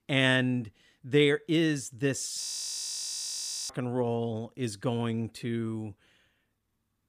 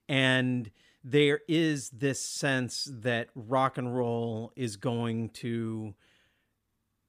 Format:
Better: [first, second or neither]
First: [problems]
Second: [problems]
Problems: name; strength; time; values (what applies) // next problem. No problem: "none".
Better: second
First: audio freezing; at 2.5 s for 1.5 s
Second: none